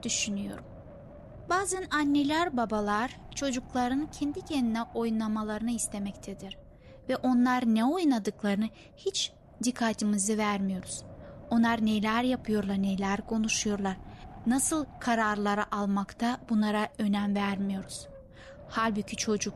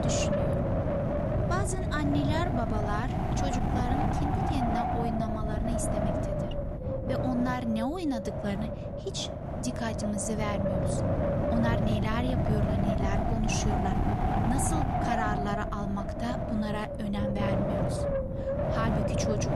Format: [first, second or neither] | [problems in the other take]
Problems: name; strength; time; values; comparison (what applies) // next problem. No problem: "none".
first | wind noise on the microphone; heavy; 3 dB above the speech; occasional gusts in the first